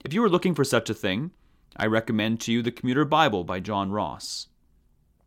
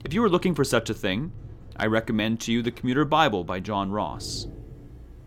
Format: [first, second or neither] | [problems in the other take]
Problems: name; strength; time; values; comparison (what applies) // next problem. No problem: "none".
first | rain or running water; noticeable; throughout; 20 dB below the speech